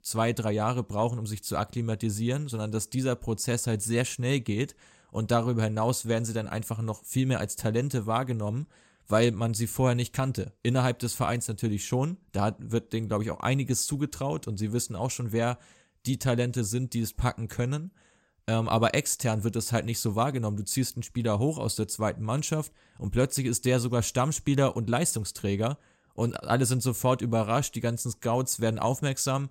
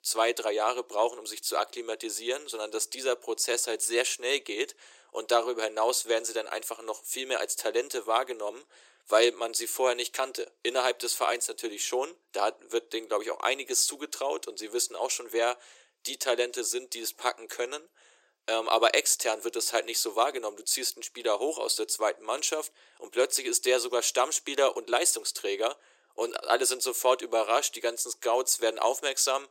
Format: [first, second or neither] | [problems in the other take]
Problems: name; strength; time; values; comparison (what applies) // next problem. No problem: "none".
first | thin; very; fading below 350 Hz